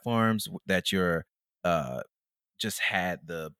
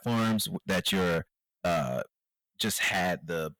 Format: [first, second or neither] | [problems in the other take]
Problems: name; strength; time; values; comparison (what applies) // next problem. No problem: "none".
first | distortion; heavy; 15% of the sound clipped